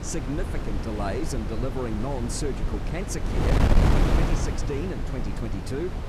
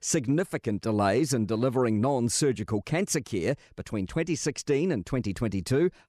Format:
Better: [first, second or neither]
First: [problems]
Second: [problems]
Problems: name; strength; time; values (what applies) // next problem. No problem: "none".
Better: second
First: wind noise on the microphone; heavy; 1 dB above the speech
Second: none